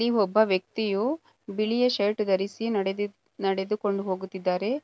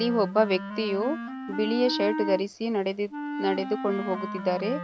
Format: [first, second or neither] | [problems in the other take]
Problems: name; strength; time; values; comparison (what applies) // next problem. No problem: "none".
first | background sound (Wind instrument, woodwind instrument); 7 dB below the speech